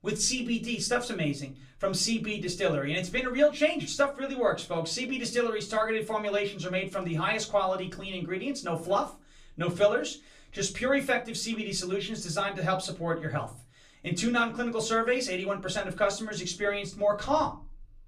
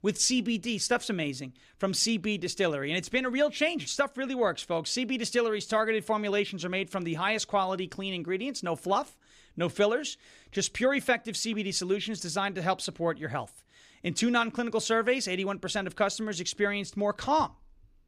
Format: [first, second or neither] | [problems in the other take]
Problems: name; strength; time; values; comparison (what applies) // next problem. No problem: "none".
second | off-mic speech; far // room echo; very slight; dies away in 0.3 s